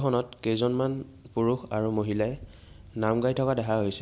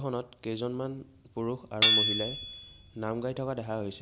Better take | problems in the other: first | background sound (Hammer / Chink, clink); 4 dB above the speech

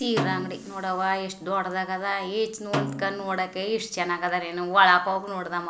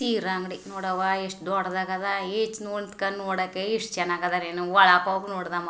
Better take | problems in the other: second | background sound (Snare drum); 10 dB below the speech

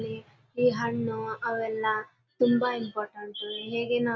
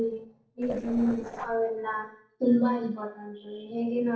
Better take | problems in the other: first | noise reduction (neural separator model SepFormer DNS4)

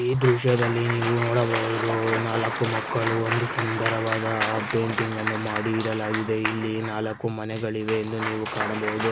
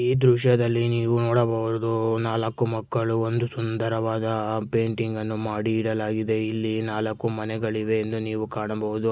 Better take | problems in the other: second | background sound (Applause / Cheering); 5 dB below the speech

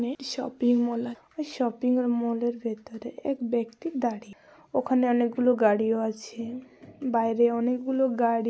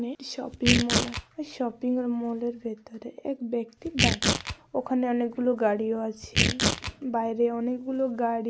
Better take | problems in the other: first | background sound (Tearing); 2 dB below the speech

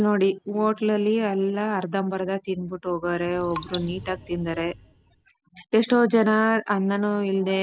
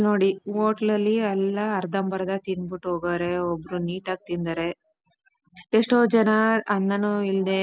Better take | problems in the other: second | background sound (Raindrop); 16 dB below the speech

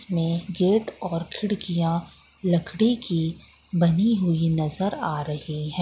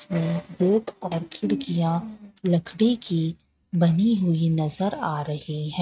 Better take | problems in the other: first | noise reduction (neural mask model RNNoise)

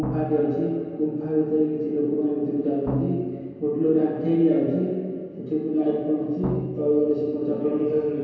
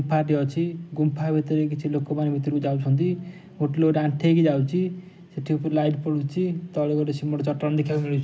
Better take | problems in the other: second | background sound (Drum); 11 dB below the speech // room echo; dies away in 2.2 s

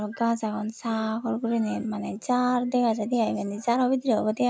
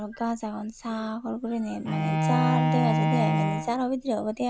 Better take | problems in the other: first | background sound (Bowed string instrument); 1 dB above the speech

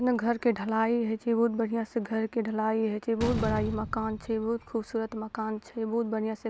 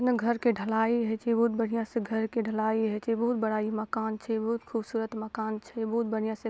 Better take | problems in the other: second | background sound (Slam); 13 dB below the speech

